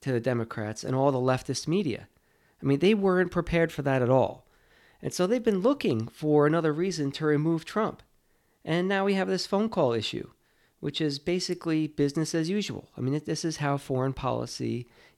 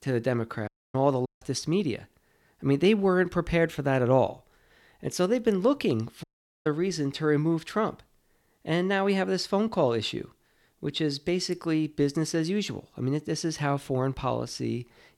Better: first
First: none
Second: audio cutting out; at 0.5 s, at 1.5 s and at 6 s

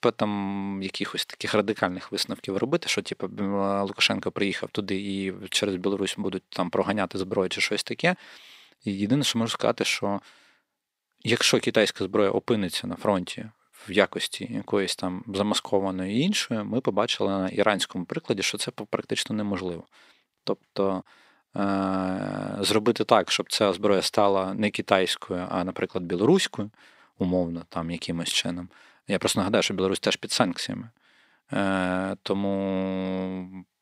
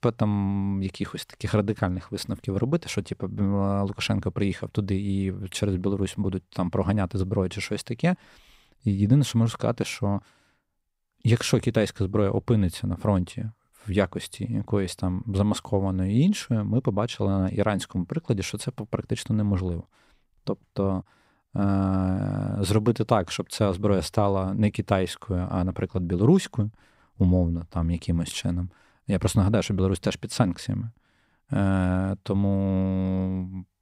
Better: second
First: thin; somewhat; fading below 300 Hz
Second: none

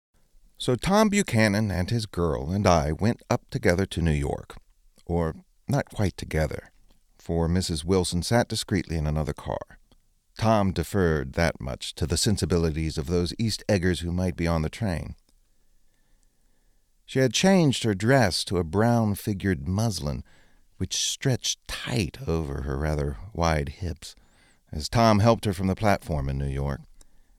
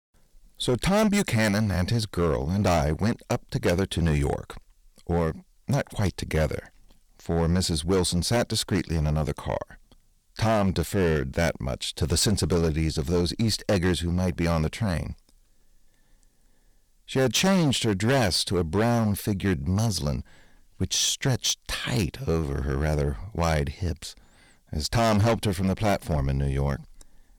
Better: first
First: none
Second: distortion; heavy; 8% of the sound clipped

